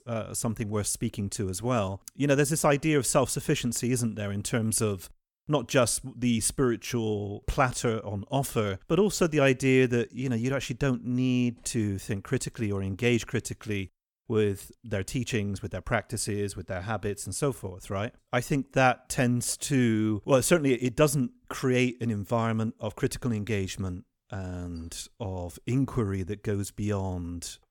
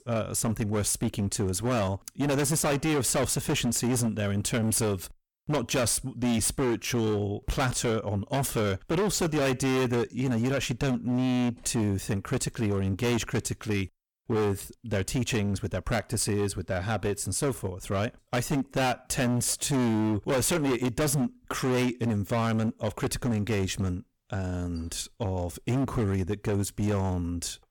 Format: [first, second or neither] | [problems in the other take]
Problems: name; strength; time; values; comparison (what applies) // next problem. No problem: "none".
first | distortion; heavy; 19% of the sound clipped